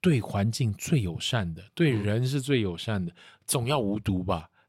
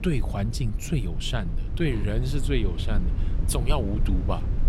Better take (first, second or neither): first